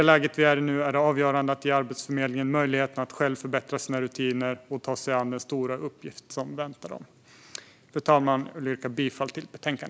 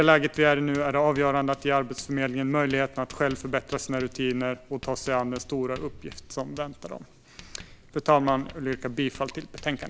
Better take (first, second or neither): first